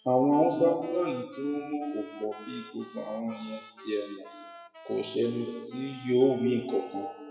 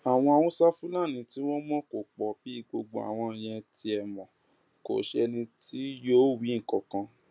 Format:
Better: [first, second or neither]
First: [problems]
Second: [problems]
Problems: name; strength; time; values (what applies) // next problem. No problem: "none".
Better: second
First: noise reduction (classical method WPE with log-MMSE)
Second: none